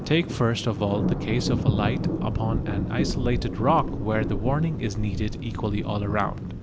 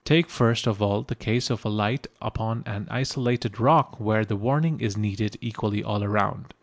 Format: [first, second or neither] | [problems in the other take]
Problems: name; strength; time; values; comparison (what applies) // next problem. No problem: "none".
second | background sound (Thunder); 1 dB below the speech